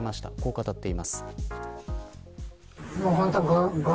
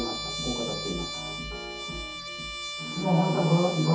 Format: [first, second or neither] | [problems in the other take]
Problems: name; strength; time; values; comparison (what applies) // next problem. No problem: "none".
first | background sound (Trumpet); 7 dB below the speech // room echo; dies away in 0.6 s